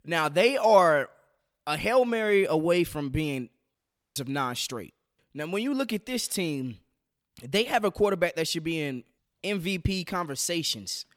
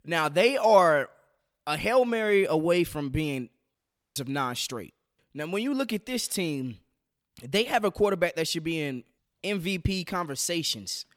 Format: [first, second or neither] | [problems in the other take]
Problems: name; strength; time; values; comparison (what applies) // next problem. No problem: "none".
neither | audio cutting out; at 4 s; the same in both